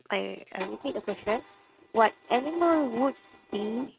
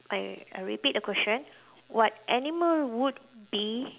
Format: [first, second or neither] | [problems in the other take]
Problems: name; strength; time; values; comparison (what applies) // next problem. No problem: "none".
second | noise reduction (neural mask model RNNoise)